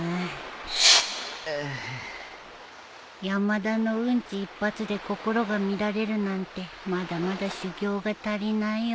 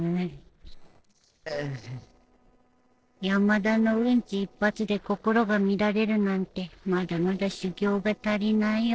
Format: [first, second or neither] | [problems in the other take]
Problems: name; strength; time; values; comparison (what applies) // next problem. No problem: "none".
first | noise reduction (neural separator model SepFormer DNS4)